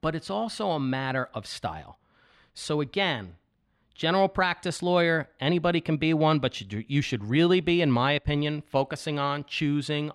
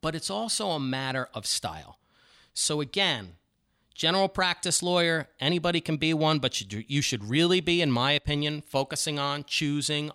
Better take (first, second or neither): second